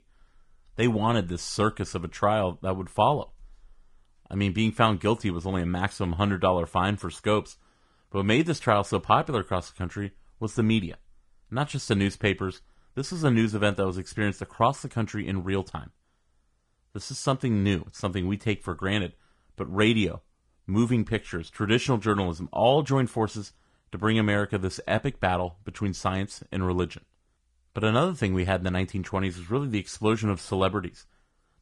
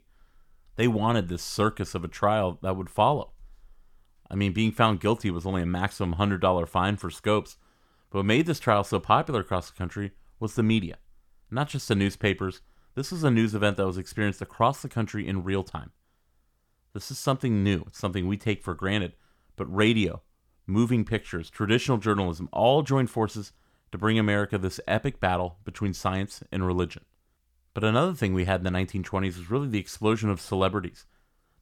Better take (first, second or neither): second